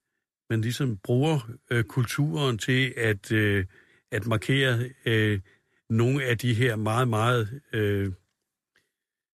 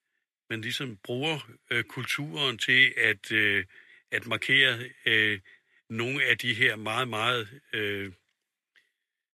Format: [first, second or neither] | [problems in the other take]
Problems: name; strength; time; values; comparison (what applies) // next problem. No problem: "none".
first | thin; somewhat; fading below 650 Hz